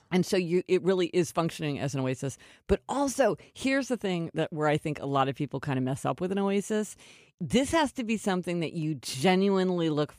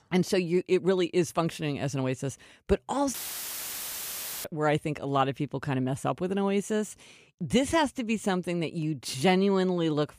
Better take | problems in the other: first | audio cutting out; filled with static; at 3 s for 1.5 s

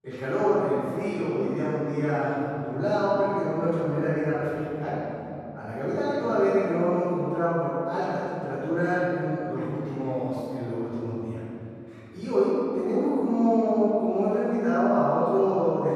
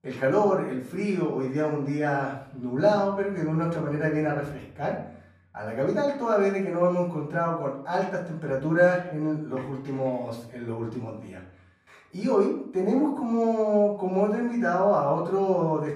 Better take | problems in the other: second | room echo; strong; dies away in 3 s; slight in the second // off-mic speech; far; far in the second

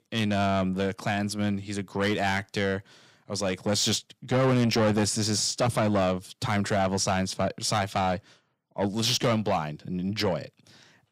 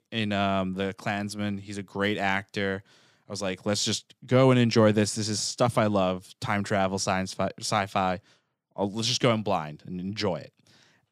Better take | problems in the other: second | distortion; heavy; 8 dB below the speech

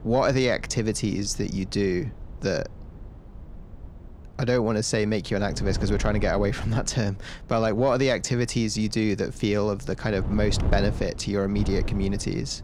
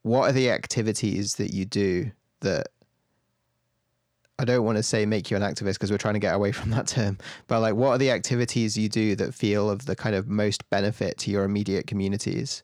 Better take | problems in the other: second | wind noise on the microphone; occasional gusts; 20 dB below the speech

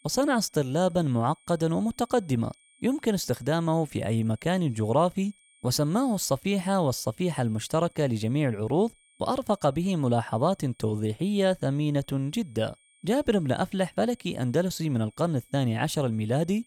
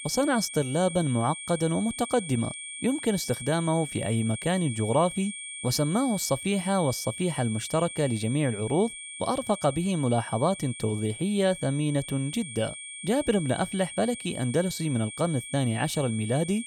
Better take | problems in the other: first | high-pitched whine; loud; throughout; 8.5 kHz, 9 dB below the speech; faint in the first

